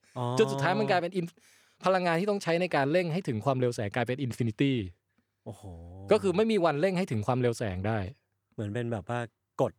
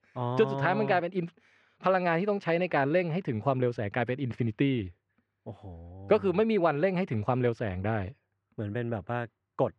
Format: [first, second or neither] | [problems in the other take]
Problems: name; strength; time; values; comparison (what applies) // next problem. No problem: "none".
first | muffled; slightly; fading above 2.5 kHz